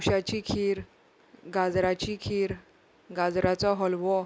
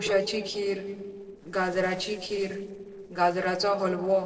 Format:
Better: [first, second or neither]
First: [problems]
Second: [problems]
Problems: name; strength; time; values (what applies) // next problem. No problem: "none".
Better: first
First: none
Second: noise reduction (neural separator model SepFormer DNS4)